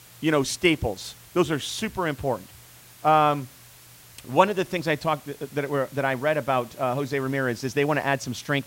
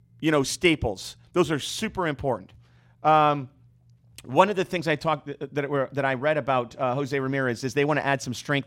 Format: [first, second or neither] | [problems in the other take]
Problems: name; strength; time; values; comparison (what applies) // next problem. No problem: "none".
second | hiss; faint; throughout; 20 dB below the speech